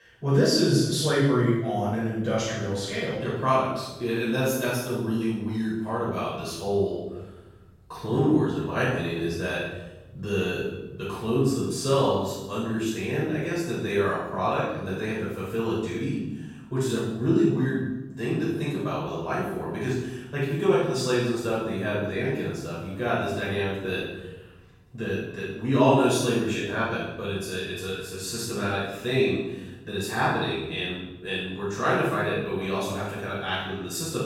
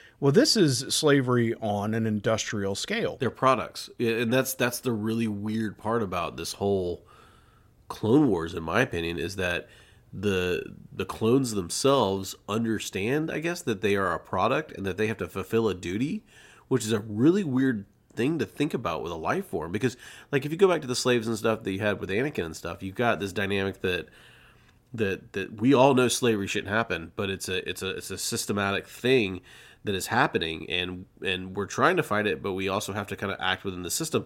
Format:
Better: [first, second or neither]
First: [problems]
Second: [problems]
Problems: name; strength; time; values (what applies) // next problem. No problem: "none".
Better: second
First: room echo; strong; dies away in 1 s // off-mic speech; far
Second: none